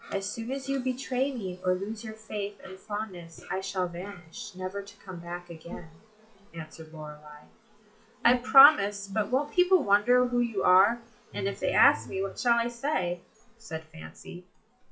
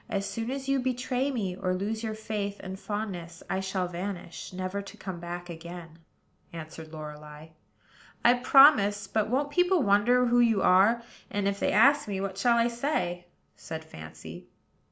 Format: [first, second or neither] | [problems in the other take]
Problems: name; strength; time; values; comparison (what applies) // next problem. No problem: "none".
second | noise reduction (classical method WPE with log-MMSE)